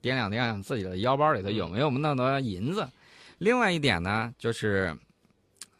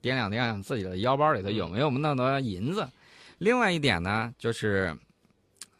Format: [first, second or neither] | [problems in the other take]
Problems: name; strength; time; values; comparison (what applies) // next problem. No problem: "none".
neither | none